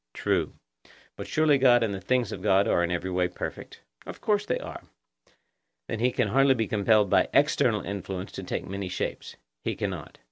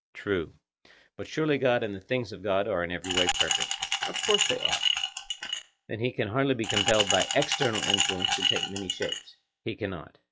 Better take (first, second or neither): first